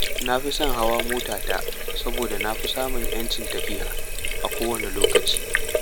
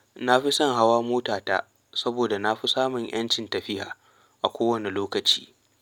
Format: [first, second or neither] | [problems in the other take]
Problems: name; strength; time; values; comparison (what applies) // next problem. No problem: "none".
second | background sound (Sink (filling or washing)); 4 dB above the speech